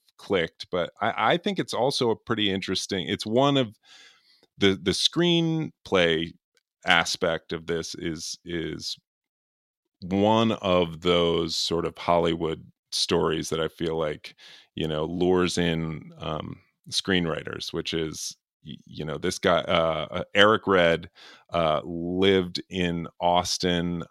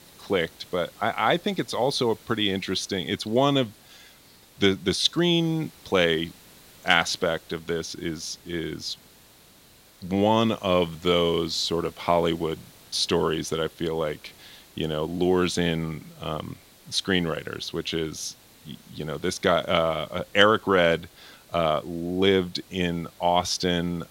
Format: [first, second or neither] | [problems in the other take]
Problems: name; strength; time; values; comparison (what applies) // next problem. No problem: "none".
first | hiss; faint; throughout; 25 dB below the speech